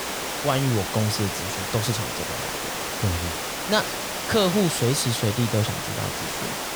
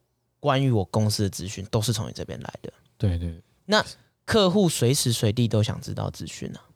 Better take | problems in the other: second | hiss; loud; throughout; 3 dB below the speech

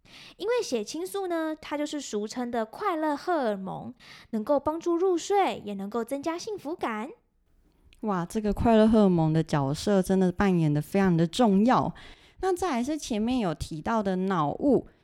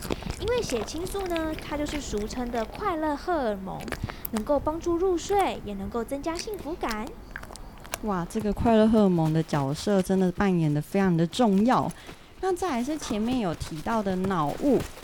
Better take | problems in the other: first | animal sounds; noticeable; throughout; 15 dB below the speech

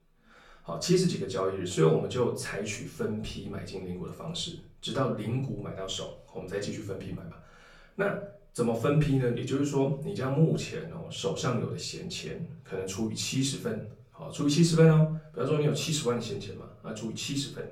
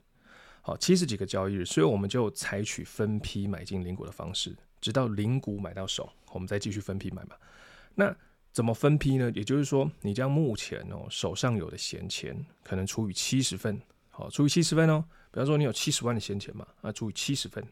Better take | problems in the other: second | room echo; slight; dies away in 0.4 s // off-mic speech; far

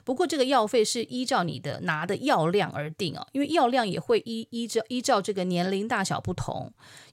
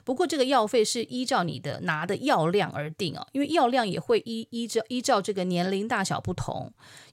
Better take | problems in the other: neither | none

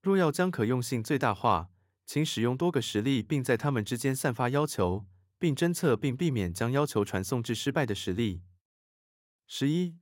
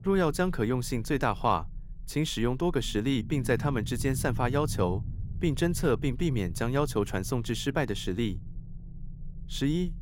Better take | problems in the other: first | low rumble; faint; throughout; 20 dB below the speech

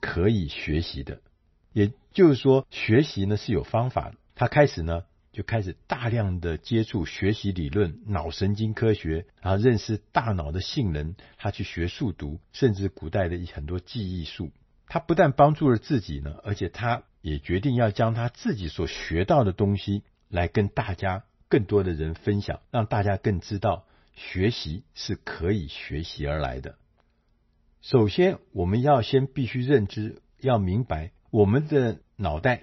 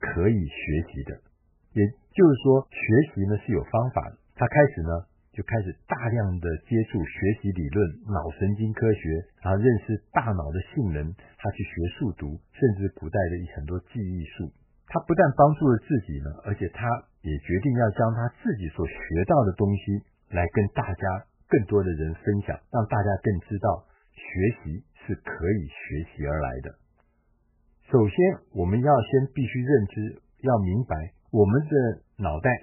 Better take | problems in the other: first | garbled, watery; badly; nothing above 3 kHz; slightly in the first

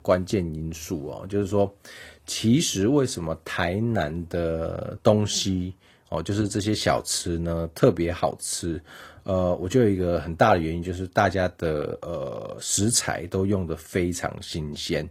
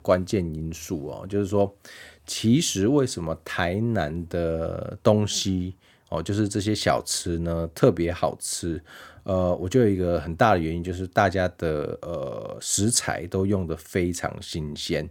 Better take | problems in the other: second | garbled, watery; slightly; nothing above 14.5 kHz

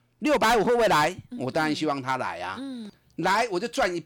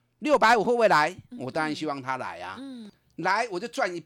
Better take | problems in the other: second | distortion; heavy; 10% of the sound clipped

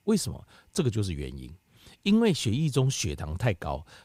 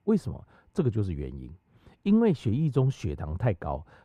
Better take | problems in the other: first | muffled; very; fading above 2.5 kHz

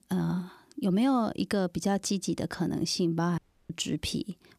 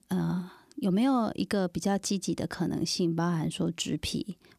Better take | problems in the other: second | audio cutting out; at 3.5 s

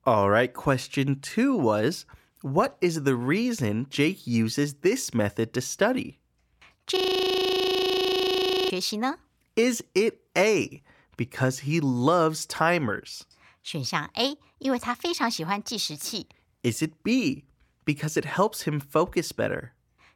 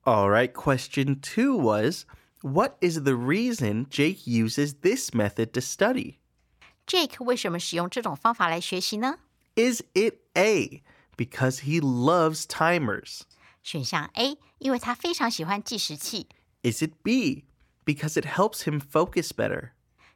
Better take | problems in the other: second | audio freezing; at 7 s for 1.5 s

